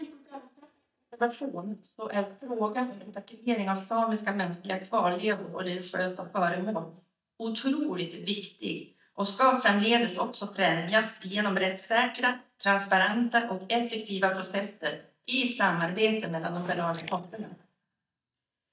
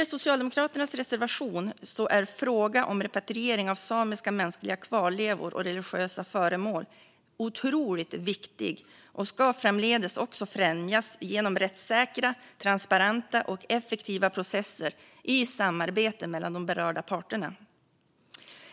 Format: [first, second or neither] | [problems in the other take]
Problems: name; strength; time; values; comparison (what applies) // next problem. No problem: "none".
second | noise reduction (neural mask model DeepFilterNet 3)